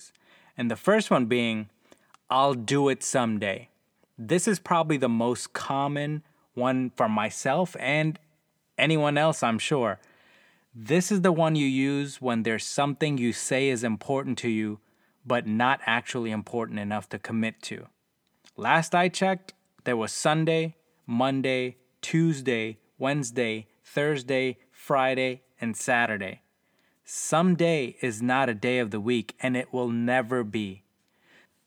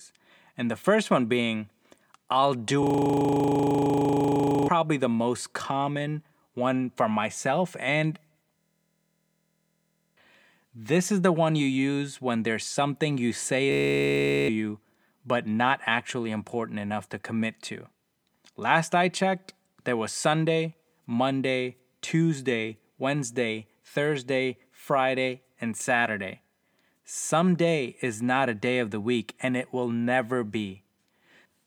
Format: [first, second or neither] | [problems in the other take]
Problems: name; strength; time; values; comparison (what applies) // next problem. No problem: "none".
first | audio freezing; at 3 s for 2 s, at 8.5 s for 1.5 s and at 14 s for 1 s